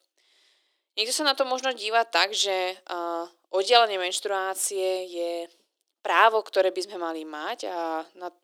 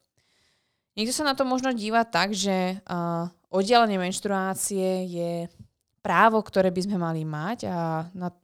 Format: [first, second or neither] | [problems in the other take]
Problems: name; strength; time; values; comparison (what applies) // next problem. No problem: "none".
second | thin; very; fading below 300 Hz